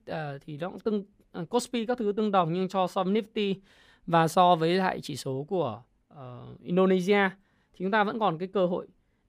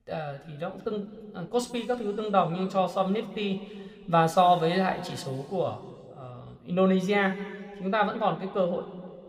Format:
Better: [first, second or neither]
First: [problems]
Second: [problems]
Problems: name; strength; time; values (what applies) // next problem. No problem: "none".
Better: first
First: none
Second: room echo; slight; dies away in 1.8 s